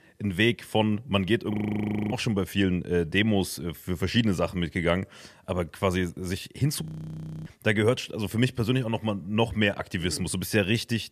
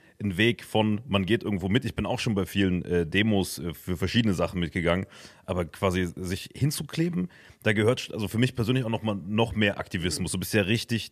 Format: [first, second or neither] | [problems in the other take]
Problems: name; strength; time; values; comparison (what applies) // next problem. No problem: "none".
second | audio freezing; at 1.5 s for 0.5 s and at 7 s for 0.5 s